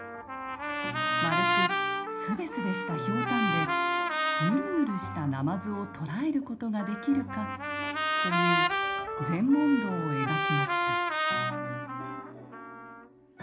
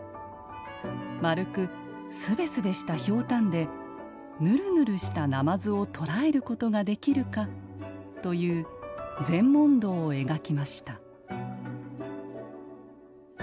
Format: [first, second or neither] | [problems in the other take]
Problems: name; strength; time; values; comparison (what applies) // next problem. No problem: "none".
second | background sound (Trumpet); 1 dB above the speech // room echo; dies away in 0.4 s